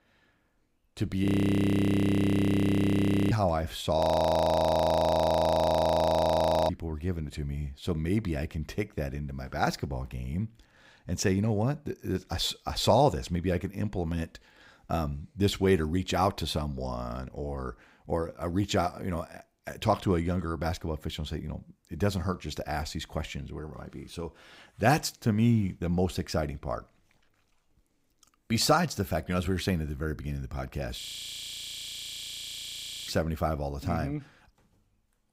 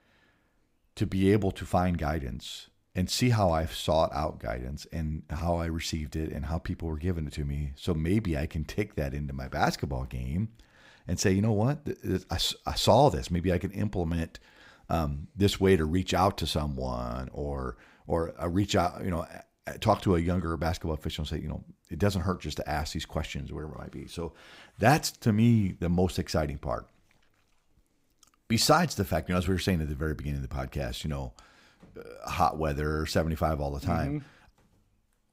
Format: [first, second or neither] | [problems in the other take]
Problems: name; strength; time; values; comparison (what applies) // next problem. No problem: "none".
second | audio freezing; at 1.5 s for 2 s, at 4 s for 2.5 s and at 31 s for 2 s